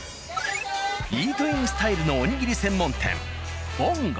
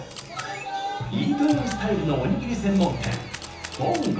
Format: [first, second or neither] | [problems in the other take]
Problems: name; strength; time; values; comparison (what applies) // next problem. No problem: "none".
first | background sound (Camera); 17 dB below the speech // room echo; dies away in 1.2 s